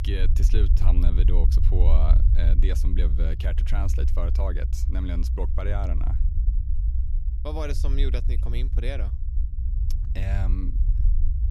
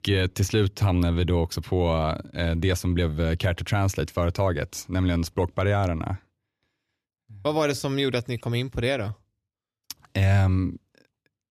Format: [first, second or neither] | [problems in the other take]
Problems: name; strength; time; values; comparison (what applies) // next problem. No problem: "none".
second | low rumble; loud; throughout; 7 dB below the speech